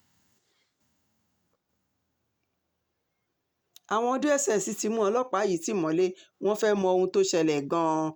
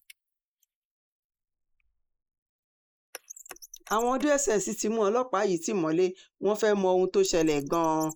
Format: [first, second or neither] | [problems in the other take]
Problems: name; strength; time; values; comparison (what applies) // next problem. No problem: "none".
first | noise reduction (neural mask model Resemble Enhance denoiser)